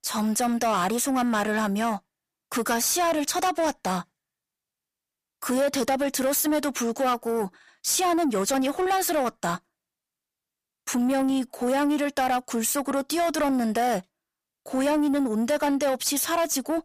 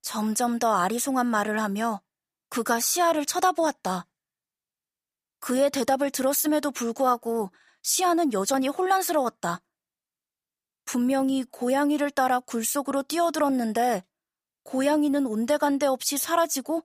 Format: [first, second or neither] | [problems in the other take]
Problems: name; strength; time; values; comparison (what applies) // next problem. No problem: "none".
second | distortion; slight; 10 dB below the speech